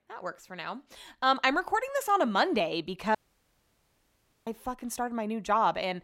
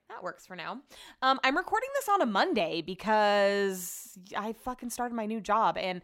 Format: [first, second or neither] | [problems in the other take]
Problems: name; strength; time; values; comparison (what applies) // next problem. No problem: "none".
second | audio cutting out; at 3 s for 1.5 s